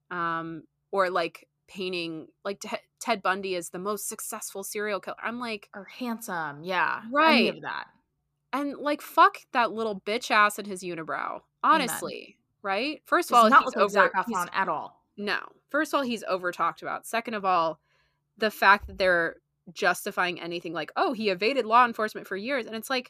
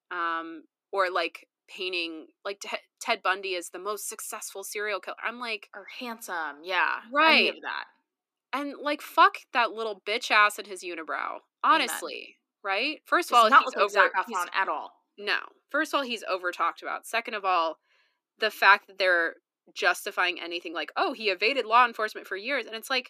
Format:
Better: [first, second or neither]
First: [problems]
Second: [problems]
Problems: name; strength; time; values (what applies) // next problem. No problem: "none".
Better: first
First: none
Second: thin; very slightly; fading below 250 Hz